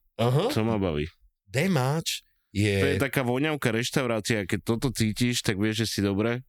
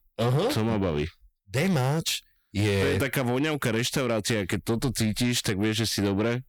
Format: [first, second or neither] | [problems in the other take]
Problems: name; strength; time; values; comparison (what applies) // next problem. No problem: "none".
first | distortion; slight; 10 dB below the speech